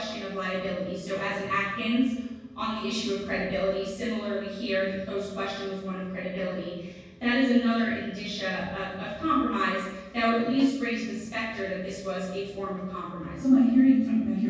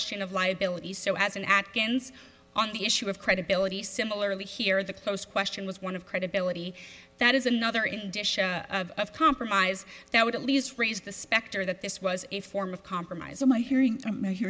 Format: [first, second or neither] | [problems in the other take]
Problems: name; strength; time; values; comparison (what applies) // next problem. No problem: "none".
second | background sound (Guitar); 14 dB below the speech // room echo; dies away in 1.3 s